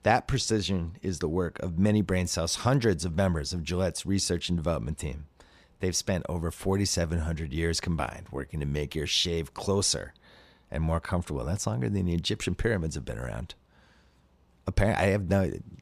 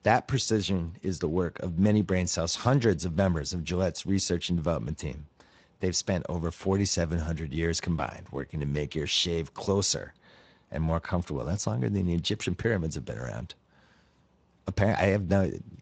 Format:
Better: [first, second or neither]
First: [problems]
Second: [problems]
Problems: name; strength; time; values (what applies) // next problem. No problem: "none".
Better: first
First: none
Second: garbled, watery; slightly; nothing above 7.5 kHz